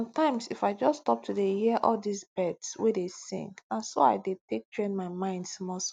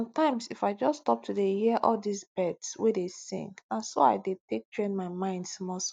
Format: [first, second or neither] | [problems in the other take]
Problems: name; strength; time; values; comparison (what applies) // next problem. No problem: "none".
first | noise reduction (neural mask model DeepFilterNet 3)